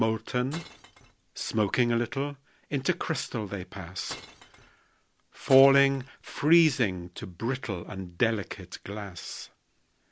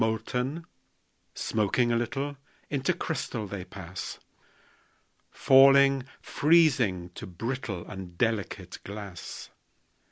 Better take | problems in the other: second | background sound (Glass); 18 dB below the speech

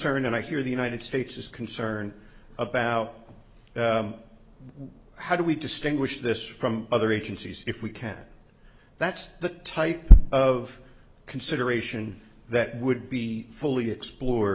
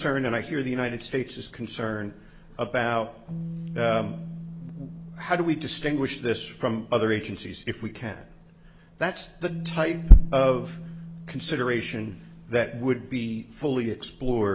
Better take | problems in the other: first | background sound (Bass guitar); 15 dB below the speech

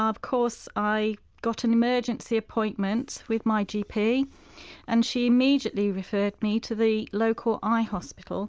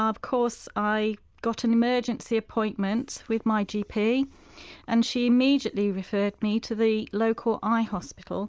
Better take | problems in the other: first | noise reduction (neural mask model Resemble Enhance denoiser)

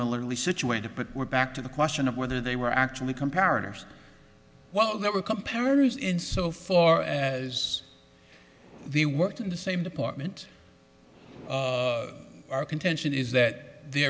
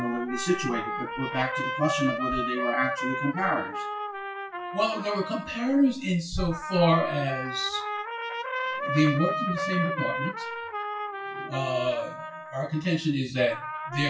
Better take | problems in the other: first | noise reduction (classical method WPE with log-MMSE)

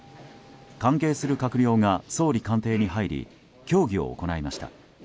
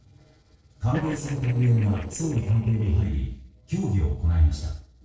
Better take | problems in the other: first | noise reduction (neural separator model SepFormer DNS4)

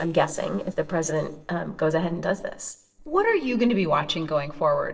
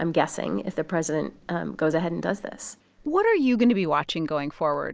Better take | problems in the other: second | noise reduction (neural separator model SepFormer DNS4)

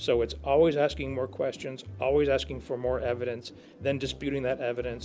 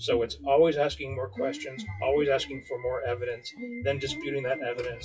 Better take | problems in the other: first | noise reduction (classical method WPE with log-MMSE)

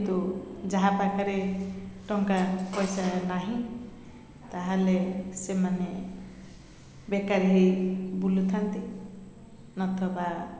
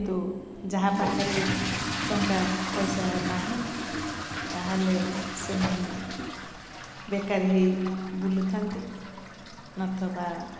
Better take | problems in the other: first | background sound (Fill (with liquid) / Toilet flush); 5 dB below the speech

